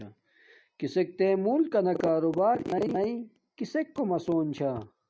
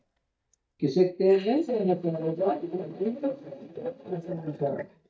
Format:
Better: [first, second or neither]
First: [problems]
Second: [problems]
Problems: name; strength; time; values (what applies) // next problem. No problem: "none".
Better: first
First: none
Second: noise reduction (neural mask model DeepFilterNet 3)